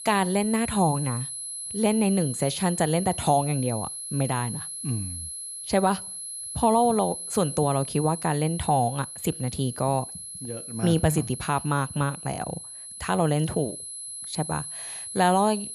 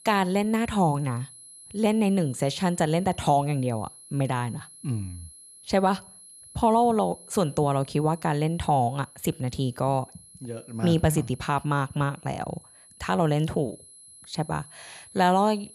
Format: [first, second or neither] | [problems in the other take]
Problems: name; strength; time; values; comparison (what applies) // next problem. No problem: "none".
second | high-pitched whine; loud; throughout; 10.5 kHz, 8 dB below the speech; faint in the second